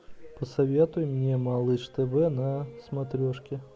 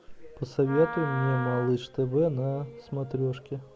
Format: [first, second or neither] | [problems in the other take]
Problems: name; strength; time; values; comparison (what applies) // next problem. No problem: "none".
first | background sound (Wind instrument, woodwind instrument); 9 dB below the speech